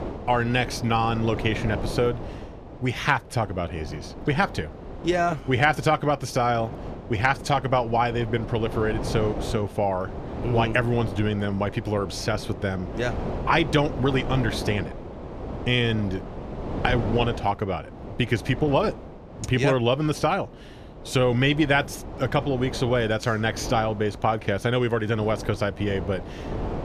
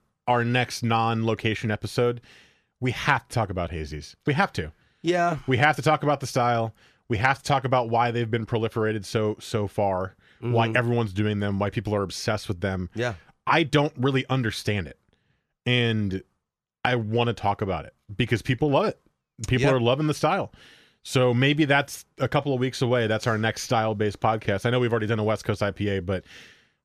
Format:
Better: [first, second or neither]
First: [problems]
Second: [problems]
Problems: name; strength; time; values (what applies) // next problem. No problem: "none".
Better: second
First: wind noise on the microphone; occasional gusts; 15 dB below the speech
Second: none